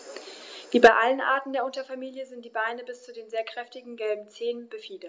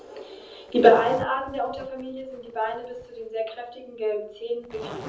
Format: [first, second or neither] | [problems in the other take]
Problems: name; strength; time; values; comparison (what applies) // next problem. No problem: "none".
first | background sound (Zipper (clothing)); 18 dB below the speech // room echo; dies away in 0.7 s